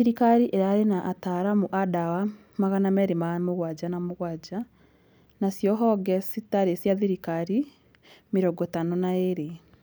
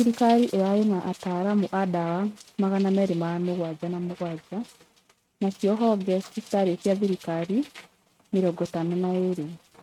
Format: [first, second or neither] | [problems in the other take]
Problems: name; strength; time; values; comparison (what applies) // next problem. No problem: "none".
first | noise reduction (neural mask model RNNoise)